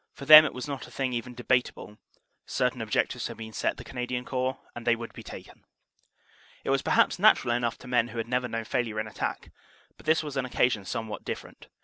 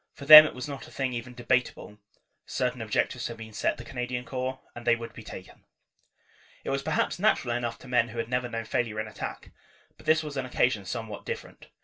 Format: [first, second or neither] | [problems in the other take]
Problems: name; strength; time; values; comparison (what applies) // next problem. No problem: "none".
first | room echo; dies away in 0.2 s